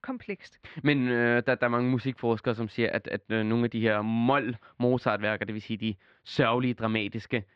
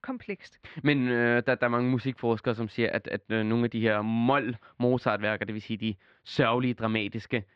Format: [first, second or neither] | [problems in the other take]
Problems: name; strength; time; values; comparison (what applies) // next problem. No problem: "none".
neither | muffled; slightly; fading above 3 kHz; the same in both